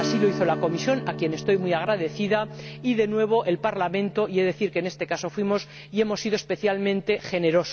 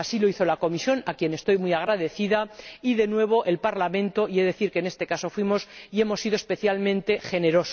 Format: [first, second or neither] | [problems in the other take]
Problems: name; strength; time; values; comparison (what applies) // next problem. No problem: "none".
second | background sound (Strum); 11 dB below the speech